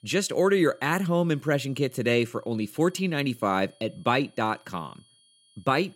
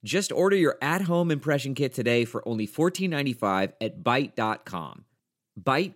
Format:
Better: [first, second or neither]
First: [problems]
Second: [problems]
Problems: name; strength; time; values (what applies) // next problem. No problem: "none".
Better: second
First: high-pitched whine; faint; throughout; 3.5 kHz, 35 dB below the speech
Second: none